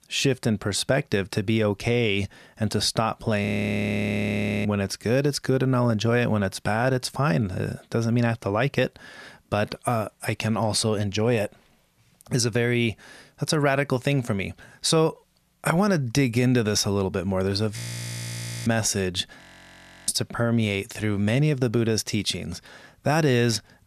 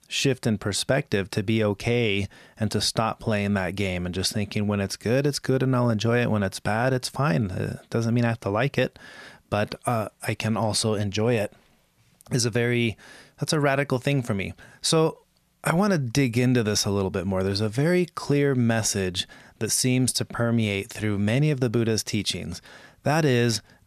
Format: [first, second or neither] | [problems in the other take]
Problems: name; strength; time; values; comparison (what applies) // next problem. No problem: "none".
second | audio freezing; at 3.5 s for 1 s, at 18 s for 1 s and at 19 s for 0.5 s